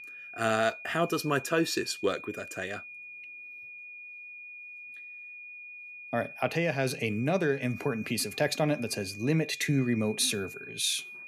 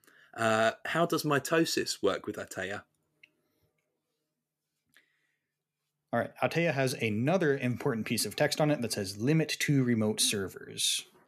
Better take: second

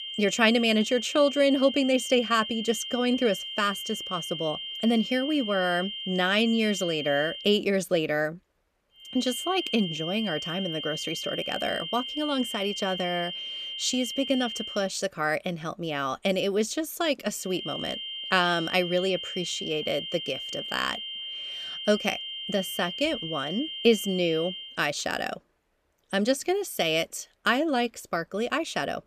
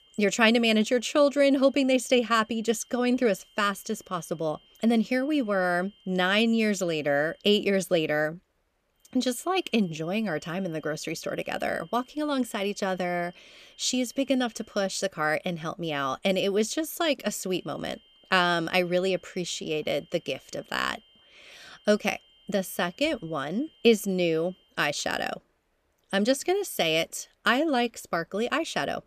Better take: second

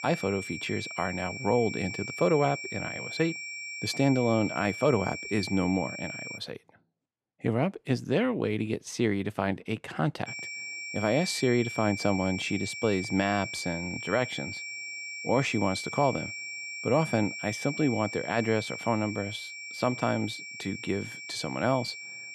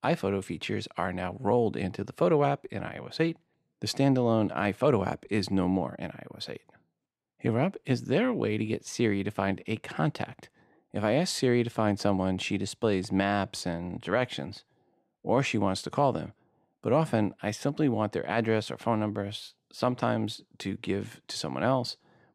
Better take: second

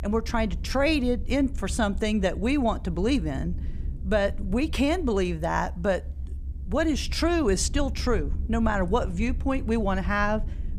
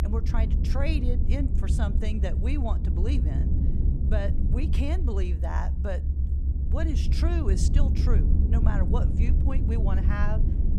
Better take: first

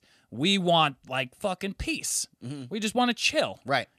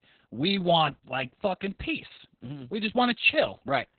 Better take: first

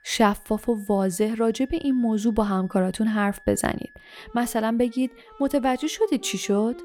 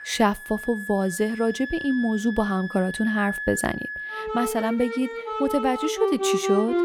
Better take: first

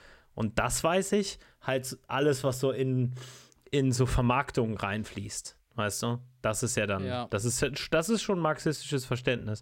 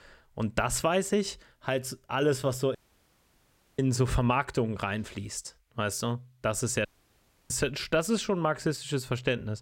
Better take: first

